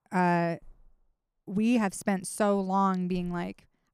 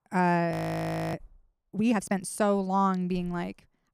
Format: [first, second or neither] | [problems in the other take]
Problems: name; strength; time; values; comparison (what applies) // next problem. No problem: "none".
first | audio freezing; at 0.5 s for 0.5 s